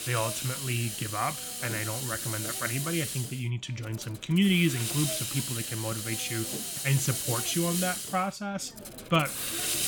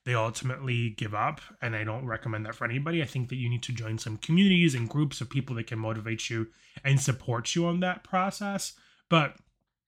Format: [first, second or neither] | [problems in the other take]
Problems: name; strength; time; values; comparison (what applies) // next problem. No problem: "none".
second | hiss; loud; throughout; 2 dB below the speech